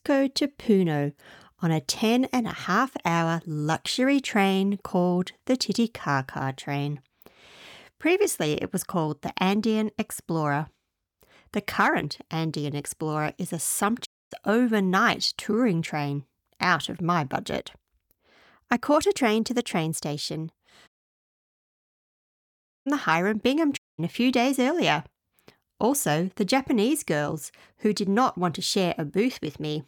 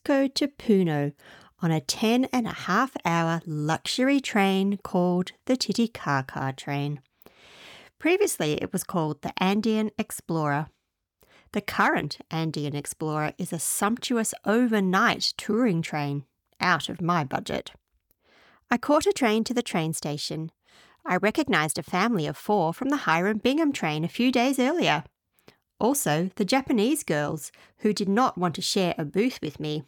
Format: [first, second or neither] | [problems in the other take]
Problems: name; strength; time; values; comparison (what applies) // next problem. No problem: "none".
second | audio cutting out; at 14 s, at 21 s for 2 s and at 24 s